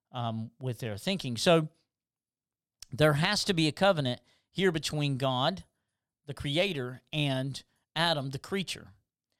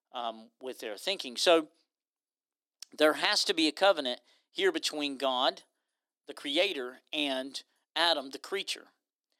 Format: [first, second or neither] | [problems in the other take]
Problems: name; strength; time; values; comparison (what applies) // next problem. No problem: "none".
first | thin; somewhat; fading below 300 Hz